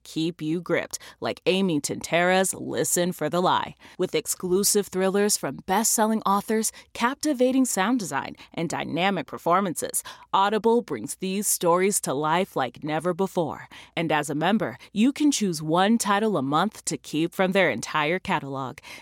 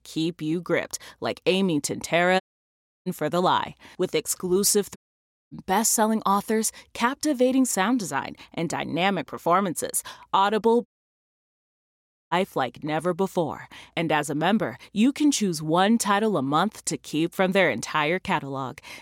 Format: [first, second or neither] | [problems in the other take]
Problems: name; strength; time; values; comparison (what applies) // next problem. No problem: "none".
first | audio cutting out; at 2.5 s for 0.5 s, at 5 s for 0.5 s and at 11 s for 1.5 s